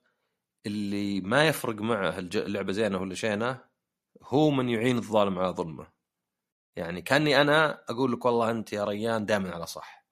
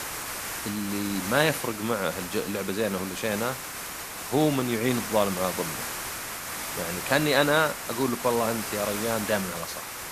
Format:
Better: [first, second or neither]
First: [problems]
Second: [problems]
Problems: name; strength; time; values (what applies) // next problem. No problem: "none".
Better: first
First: none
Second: hiss; loud; throughout; 5 dB below the speech